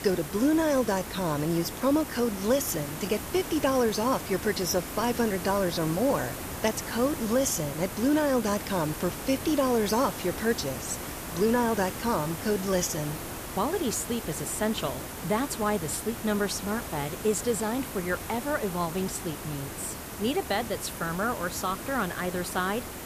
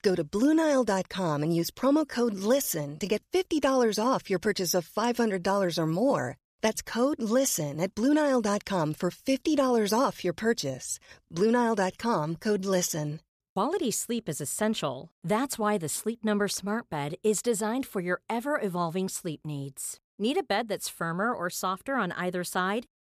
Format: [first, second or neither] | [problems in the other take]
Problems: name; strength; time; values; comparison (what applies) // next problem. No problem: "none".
second | hiss; loud; throughout; 8 dB below the speech